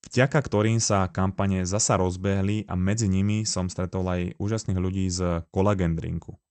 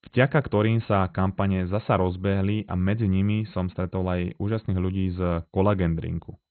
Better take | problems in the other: first | garbled, watery; badly; nothing above 4 kHz; slightly in the first

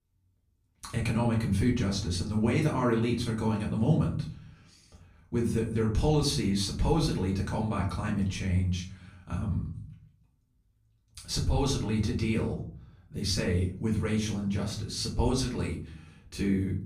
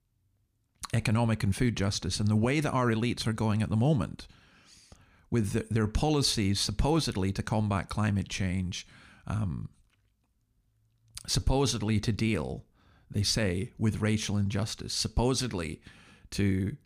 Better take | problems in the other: second | room echo; slight; dies away in 0.5 s // off-mic speech; far

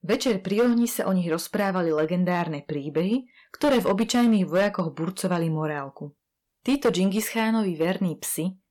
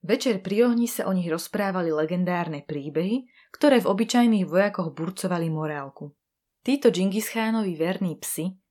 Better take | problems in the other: second | distortion; slight; 4% of the sound clipped

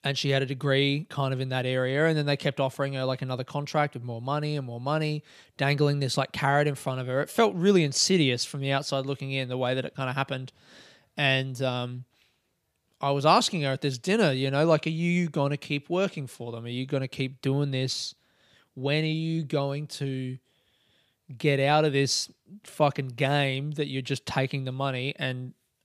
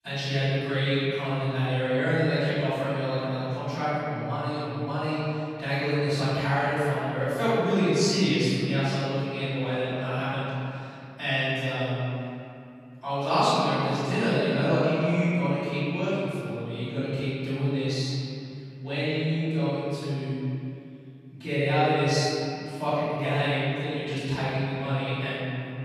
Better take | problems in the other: first | off-mic speech; far // room echo; strong; dies away in 2.6 s

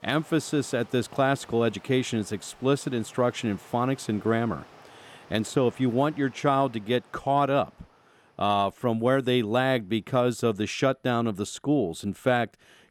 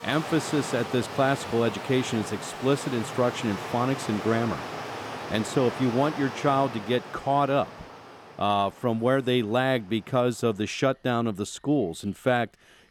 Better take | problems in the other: first | rain or running water; loud; throughout; 9 dB below the speech; faint in the first

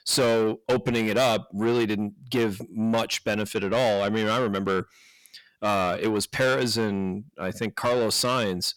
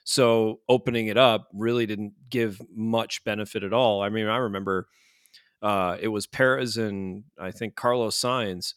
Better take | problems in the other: second | distortion; heavy; 6 dB below the speech

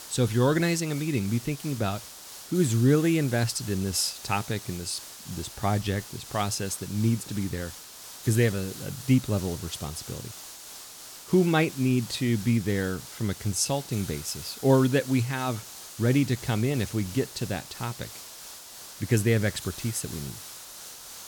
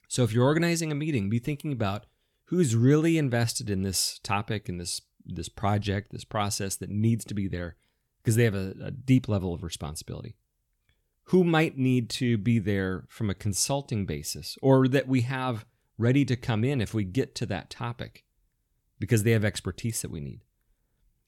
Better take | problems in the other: second | hiss; noticeable; throughout; 15 dB below the speech

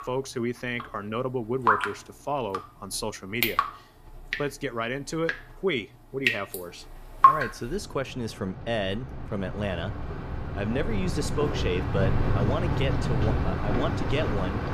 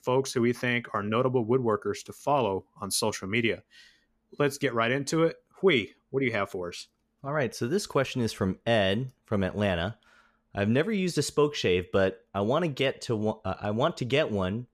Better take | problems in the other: second | rain or running water; very loud; throughout; 4 dB above the speech

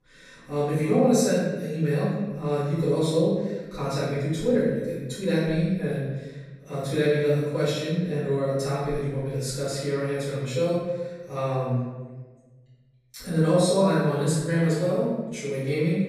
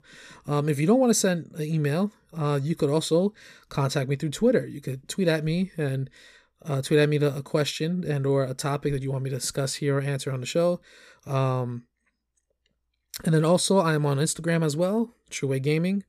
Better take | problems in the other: second | room echo; strong; dies away in 1.1 s // off-mic speech; far

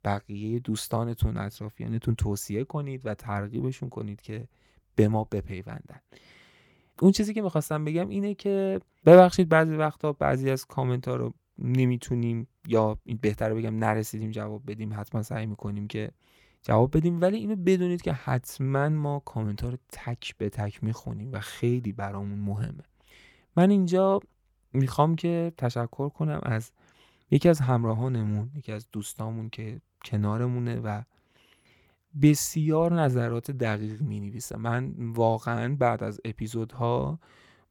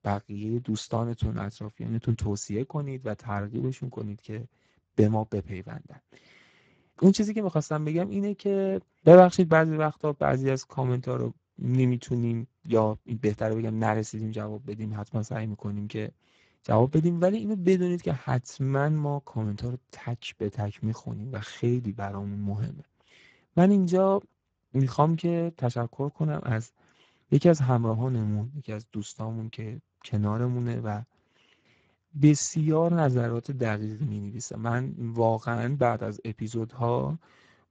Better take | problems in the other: first | garbled, watery; badly; nothing above 7.5 kHz

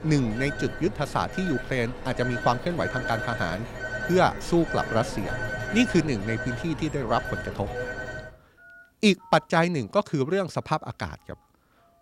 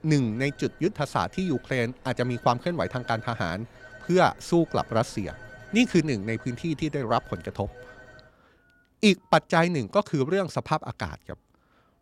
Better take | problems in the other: second | alarms or sirens; loud; throughout; 7 dB below the speech; faint in the second

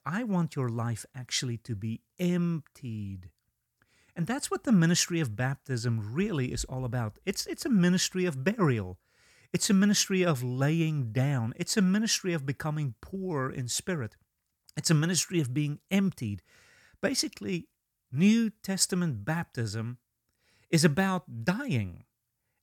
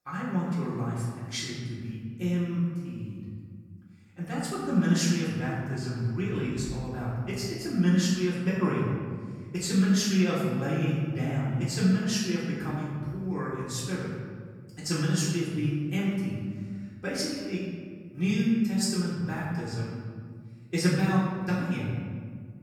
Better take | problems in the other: first | off-mic speech; far // room echo; noticeable; dies away in 1.7 s

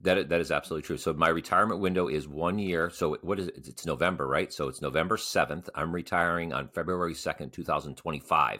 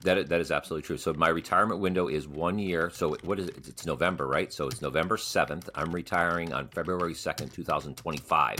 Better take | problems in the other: first | household noises; noticeable; throughout; 20 dB below the speech

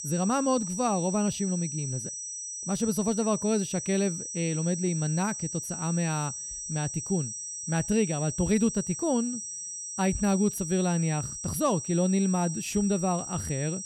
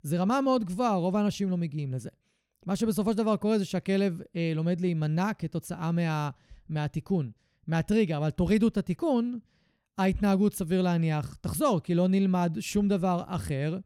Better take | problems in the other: second | high-pitched whine; loud; throughout; 6 kHz, 6 dB below the speech

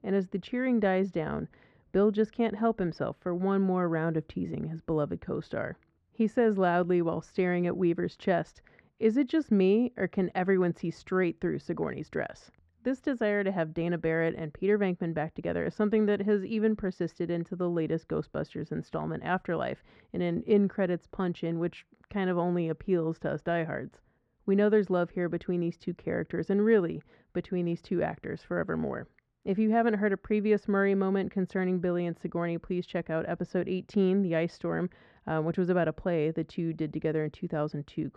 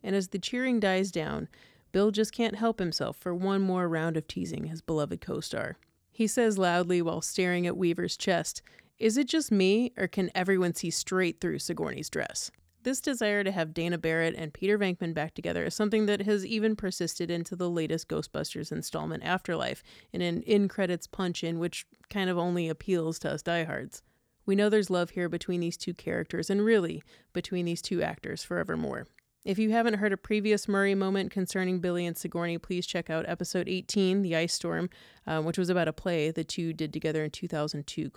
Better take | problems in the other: second | muffled; very; fading above 1.5 kHz

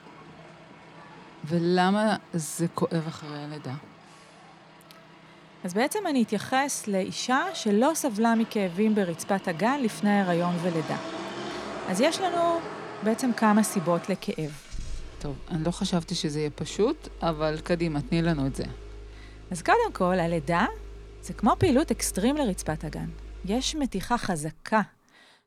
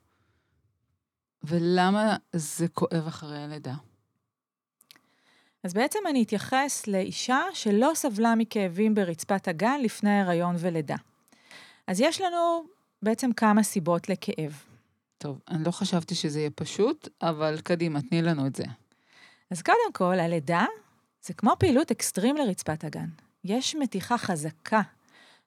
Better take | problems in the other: second | traffic noise; noticeable; throughout; 15 dB below the speech

